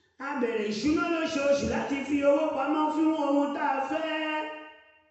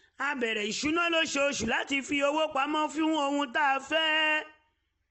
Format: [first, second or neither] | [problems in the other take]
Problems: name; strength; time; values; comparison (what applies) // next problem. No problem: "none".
second | room echo; dies away in 1 s